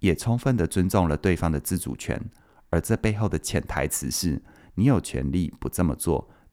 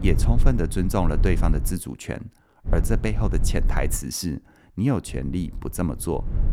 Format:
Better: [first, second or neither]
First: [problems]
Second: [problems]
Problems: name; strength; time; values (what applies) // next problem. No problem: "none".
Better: first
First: none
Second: low rumble; noticeable; until 1.5 s, from 2.5 to 4 s and from 5 s on; 15 dB below the speech